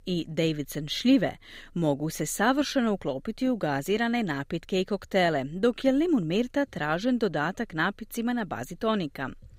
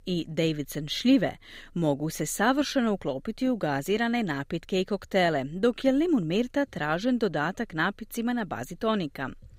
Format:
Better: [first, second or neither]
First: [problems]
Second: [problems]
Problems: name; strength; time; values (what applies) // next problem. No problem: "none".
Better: neither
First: none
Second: none